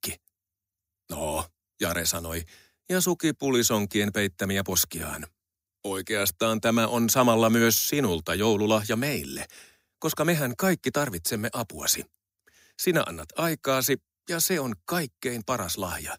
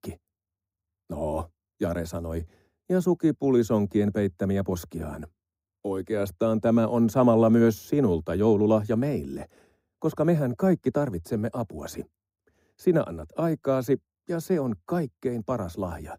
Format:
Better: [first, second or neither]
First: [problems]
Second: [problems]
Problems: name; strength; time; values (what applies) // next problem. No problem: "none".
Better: first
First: none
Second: muffled; very; fading above 1.5 kHz